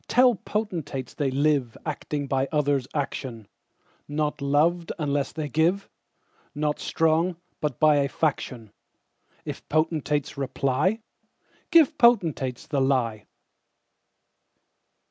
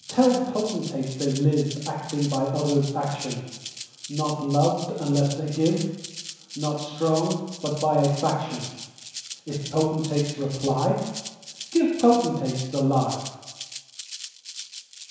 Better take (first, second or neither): first